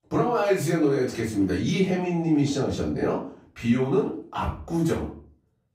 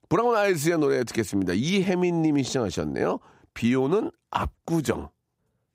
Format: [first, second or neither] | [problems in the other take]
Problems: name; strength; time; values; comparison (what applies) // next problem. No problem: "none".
second | off-mic speech; far // room echo; slight; dies away in 0.4 s